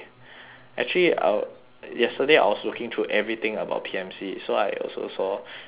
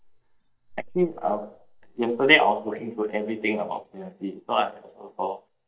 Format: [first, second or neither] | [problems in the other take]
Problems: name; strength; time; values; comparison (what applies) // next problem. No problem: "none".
first | noise reduction (neural mask model DeepFilterNet 3)